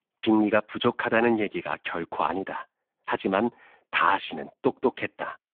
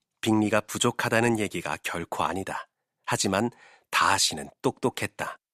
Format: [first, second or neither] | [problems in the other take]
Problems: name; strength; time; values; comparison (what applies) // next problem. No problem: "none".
second | phone-call audio; poor line